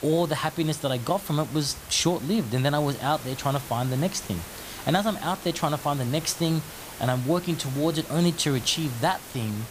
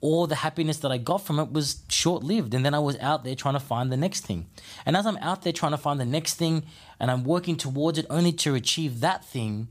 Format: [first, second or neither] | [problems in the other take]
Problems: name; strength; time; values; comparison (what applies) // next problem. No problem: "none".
second | hiss; noticeable; throughout; 15 dB below the speech